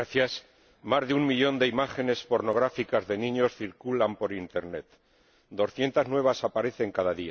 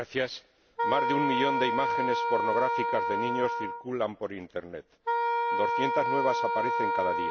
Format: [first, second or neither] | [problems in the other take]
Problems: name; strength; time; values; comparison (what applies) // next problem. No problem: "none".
first | background sound (Wind instrument, woodwind instrument); 3 dB above the speech